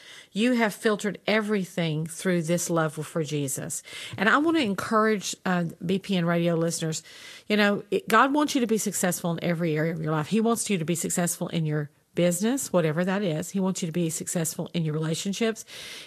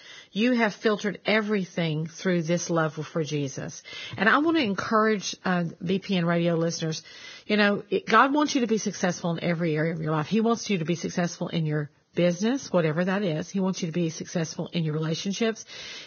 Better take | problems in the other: first | garbled, watery; badly; nothing above 6.5 kHz; slightly in the first

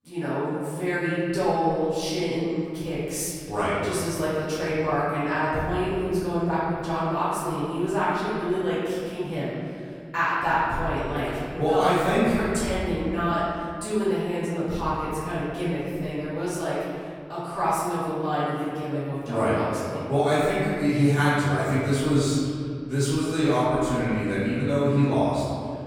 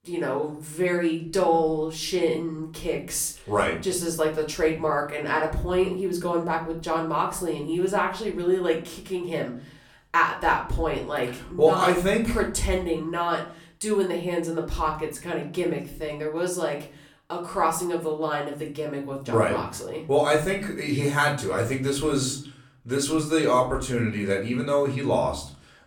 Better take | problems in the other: second | room echo; strong; dies away in 2.4 s; slight in the second // off-mic speech; far; somewhat distant in the second

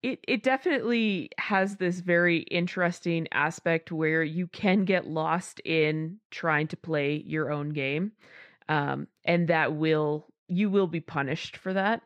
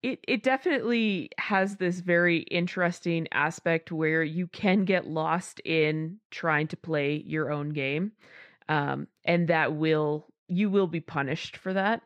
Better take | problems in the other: neither | muffled; slightly; fading above 3 kHz; the same in both

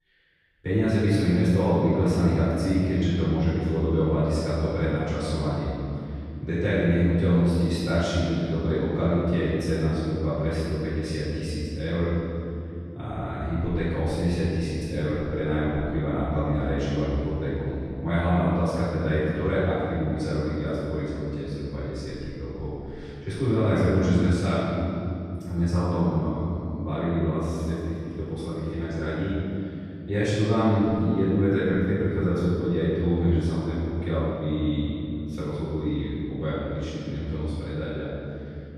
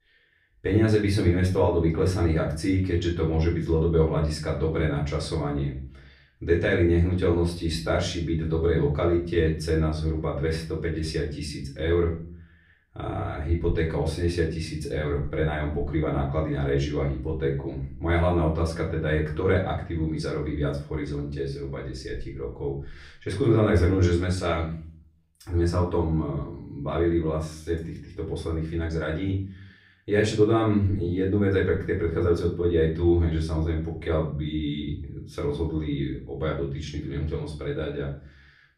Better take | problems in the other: second | room echo; strong; dies away in 3 s; slight in the second // off-mic speech; far; far in the second

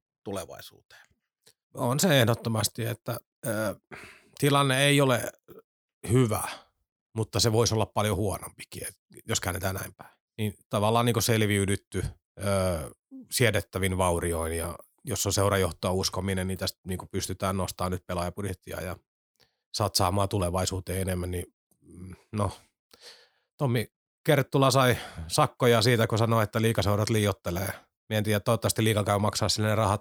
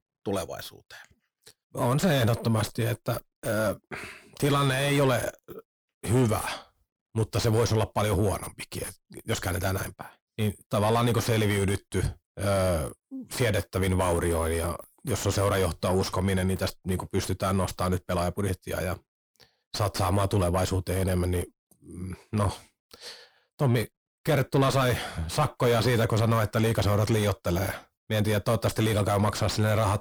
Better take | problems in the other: first | distortion; heavy; 6 dB below the speech

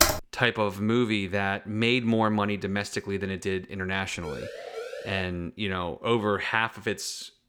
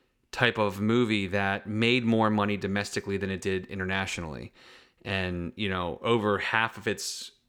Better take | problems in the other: second | keyboard typing; loud; at the start; peak 5 dB above the speech // siren; noticeable; from 4 to 5 s; peak 10 dB below the speech

